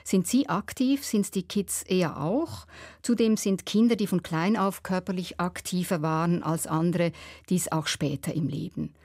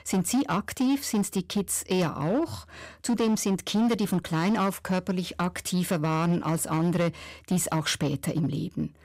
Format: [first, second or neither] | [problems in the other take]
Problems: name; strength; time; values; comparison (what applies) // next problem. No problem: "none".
first | distortion; slight; 11% of the sound clipped